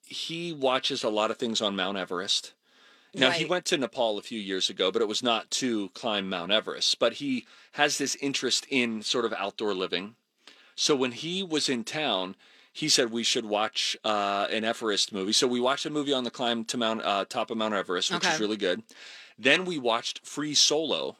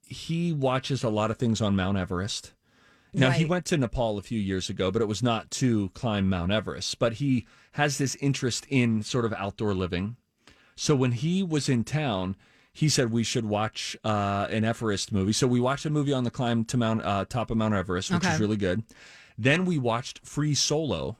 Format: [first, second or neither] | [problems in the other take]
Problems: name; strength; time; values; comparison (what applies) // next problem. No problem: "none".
second | thin; somewhat; fading below 300 Hz